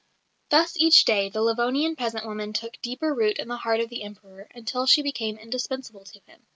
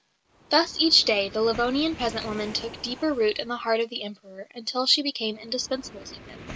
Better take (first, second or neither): first